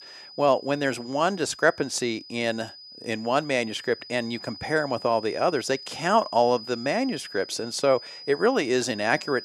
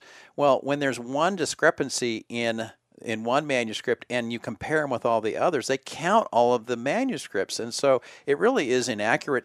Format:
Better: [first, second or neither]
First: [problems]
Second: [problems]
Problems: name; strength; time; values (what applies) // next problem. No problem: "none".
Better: second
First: high-pitched whine; noticeable; throughout; 5 kHz, 15 dB below the speech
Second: none